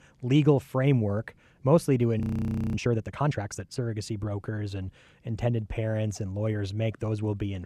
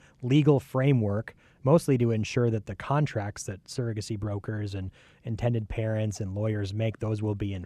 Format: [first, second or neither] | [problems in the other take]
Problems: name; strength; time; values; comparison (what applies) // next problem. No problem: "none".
second | audio freezing; at 2 s for 0.5 s